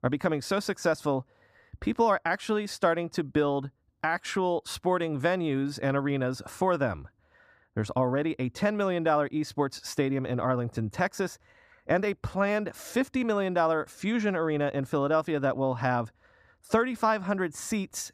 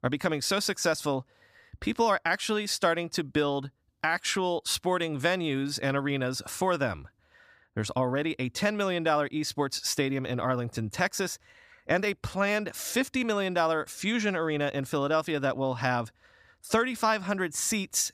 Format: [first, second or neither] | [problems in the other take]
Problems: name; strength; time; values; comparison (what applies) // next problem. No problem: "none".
second | muffled; slightly; fading above 2 kHz